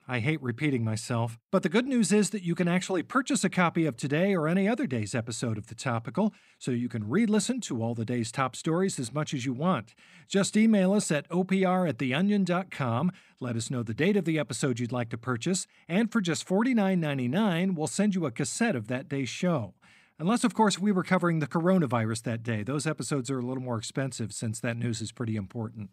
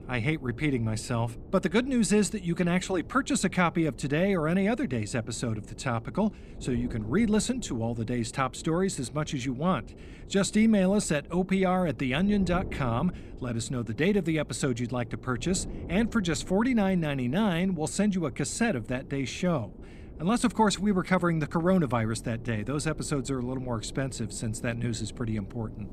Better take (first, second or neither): first